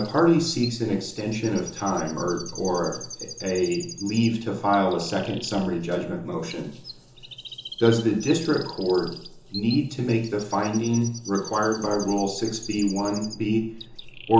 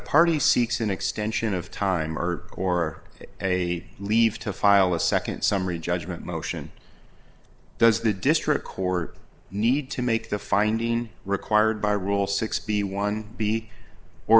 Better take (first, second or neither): second